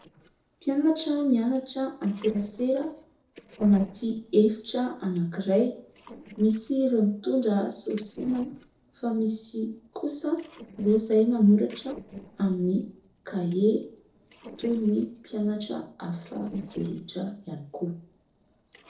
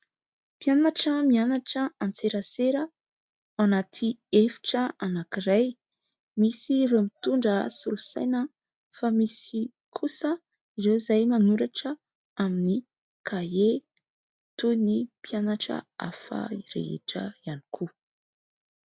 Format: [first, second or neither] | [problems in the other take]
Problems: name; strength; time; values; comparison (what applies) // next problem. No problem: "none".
second | noise reduction (neural separator model SepFormer DNS4)